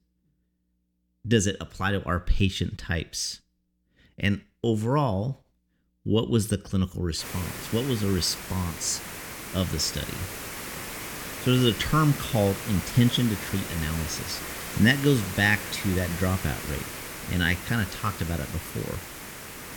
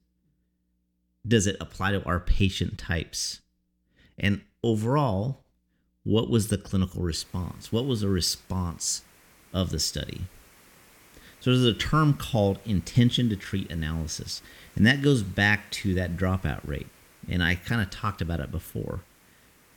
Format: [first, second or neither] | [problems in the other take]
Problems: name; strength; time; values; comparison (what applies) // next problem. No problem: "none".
second | hiss; loud; from 7 s on; 8 dB below the speech; faint in the second